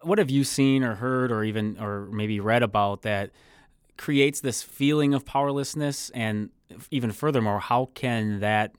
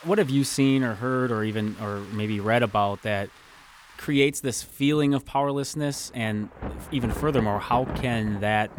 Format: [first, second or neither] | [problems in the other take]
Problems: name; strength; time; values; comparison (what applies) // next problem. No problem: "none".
first | rain or running water; noticeable; throughout; 15 dB below the speech